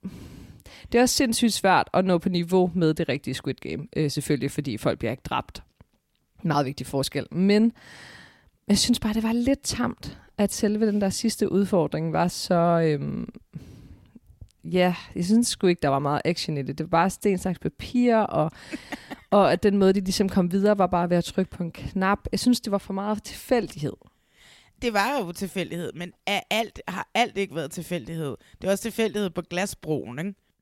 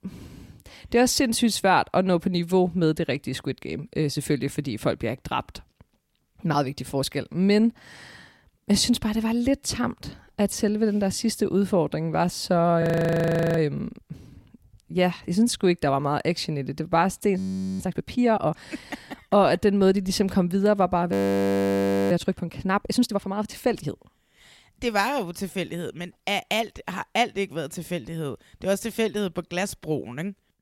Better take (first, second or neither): first